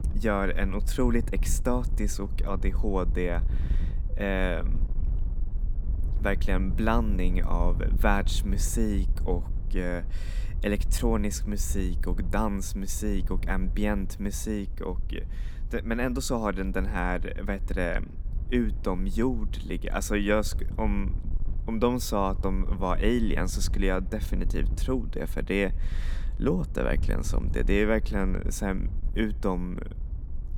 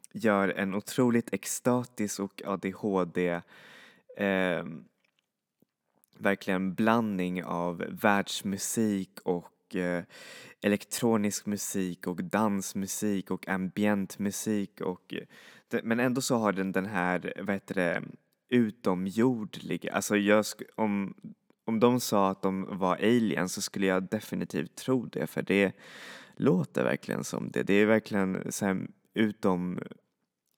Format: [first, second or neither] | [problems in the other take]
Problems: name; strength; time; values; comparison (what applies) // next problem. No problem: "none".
second | wind noise on the microphone; occasional gusts; 20 dB below the speech